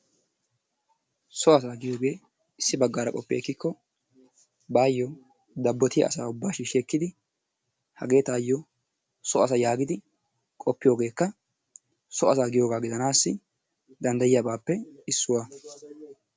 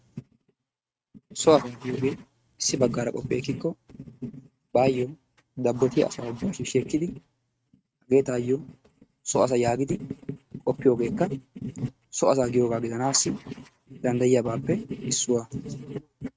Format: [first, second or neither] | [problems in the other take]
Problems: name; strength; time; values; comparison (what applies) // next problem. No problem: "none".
first | noise reduction (neural mask model RNNoise)